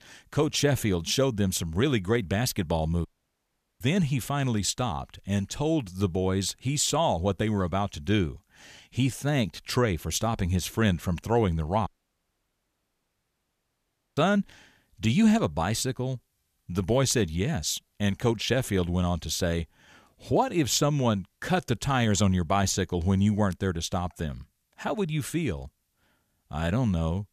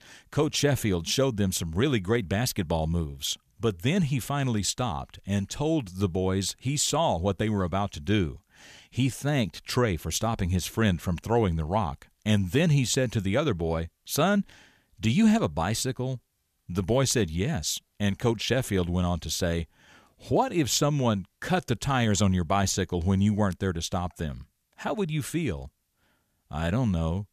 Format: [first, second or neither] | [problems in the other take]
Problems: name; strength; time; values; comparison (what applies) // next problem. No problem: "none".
second | audio cutting out; at 3 s for 1 s and at 12 s for 2.5 s